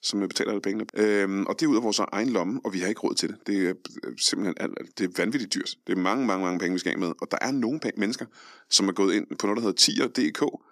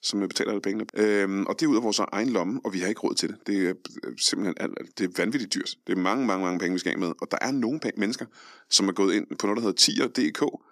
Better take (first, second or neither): neither